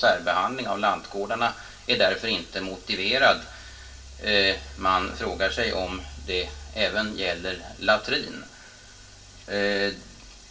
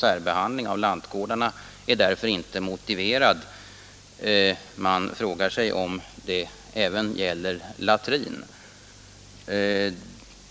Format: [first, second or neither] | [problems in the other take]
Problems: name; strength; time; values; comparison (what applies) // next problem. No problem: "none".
second | background sound (Engine); 20 dB below the speech // room echo; dies away in 0.2 s